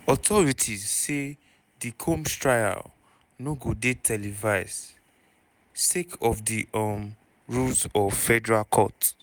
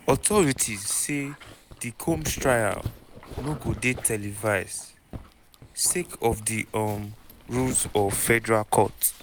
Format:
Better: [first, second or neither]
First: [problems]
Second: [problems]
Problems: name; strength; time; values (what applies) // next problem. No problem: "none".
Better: first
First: none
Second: background sound (Dog); 16 dB below the speech